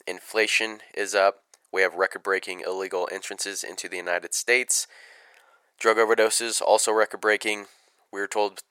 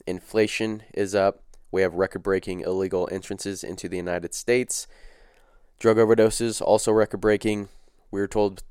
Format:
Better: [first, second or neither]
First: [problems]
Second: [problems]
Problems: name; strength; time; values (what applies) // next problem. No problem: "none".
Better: second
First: thin; very; fading below 750 Hz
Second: none